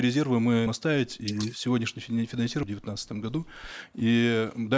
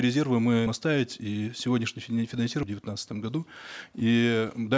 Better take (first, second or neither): second